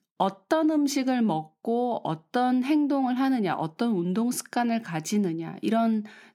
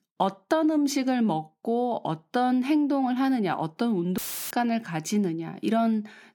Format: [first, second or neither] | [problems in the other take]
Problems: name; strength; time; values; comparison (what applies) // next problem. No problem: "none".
first | audio cutting out; filled with static; at 4 s